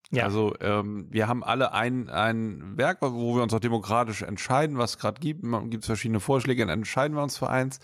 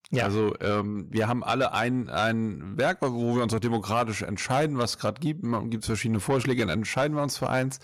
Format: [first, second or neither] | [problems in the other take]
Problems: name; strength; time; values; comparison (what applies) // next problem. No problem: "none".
first | distortion; slight; 10 dB below the speech